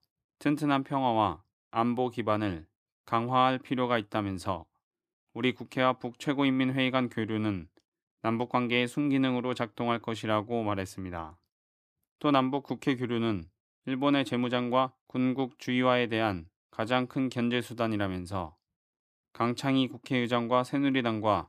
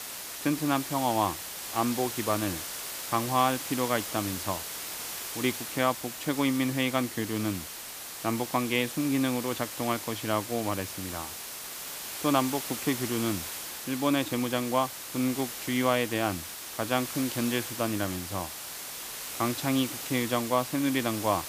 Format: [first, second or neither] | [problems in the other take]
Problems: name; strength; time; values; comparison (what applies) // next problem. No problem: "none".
first | hiss; loud; throughout; 6 dB below the speech